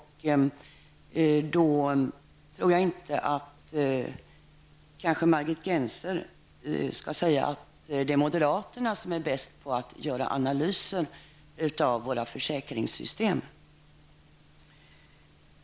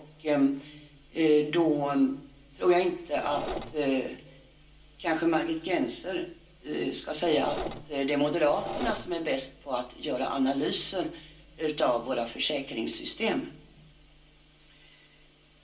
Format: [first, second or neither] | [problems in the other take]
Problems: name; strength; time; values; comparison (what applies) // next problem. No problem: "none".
first | background sound (Engine / Mechanisms); 7 dB below the speech // room echo; dies away in 0.3 s